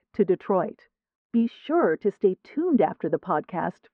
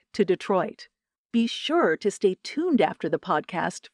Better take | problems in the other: second | muffled; very; fading above 3.5 kHz

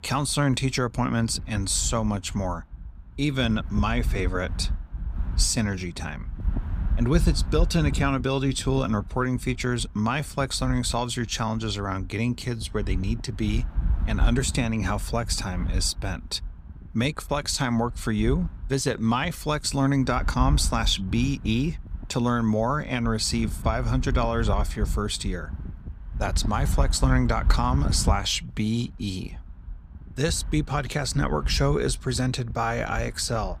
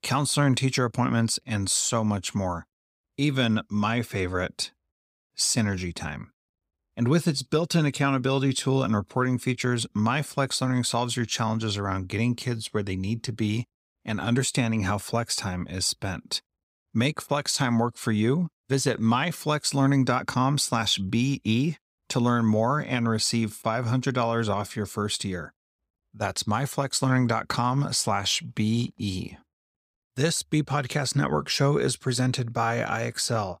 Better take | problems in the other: second | wind noise on the microphone; occasional gusts; 20 dB below the speech

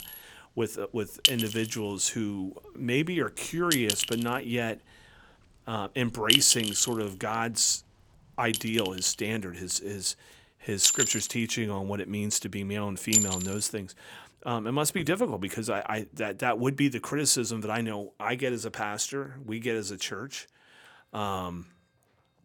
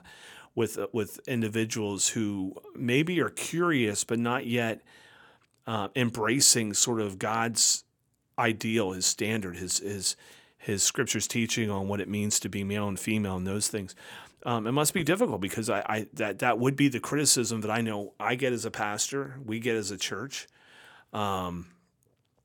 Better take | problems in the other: second | household noises; very loud; throughout; 3 dB above the speech

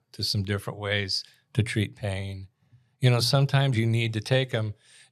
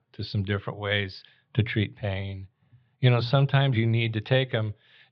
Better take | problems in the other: first | muffled; slightly; fading above 3.5 kHz

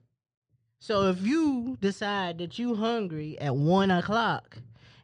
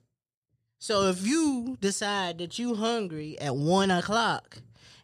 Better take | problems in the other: second | muffled; slightly; fading above 3 kHz

